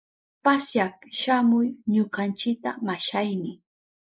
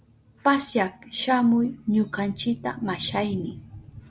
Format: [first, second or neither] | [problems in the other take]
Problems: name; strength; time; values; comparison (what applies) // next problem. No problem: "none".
second | noise reduction (neural mask model Resemble Enhance denoiser)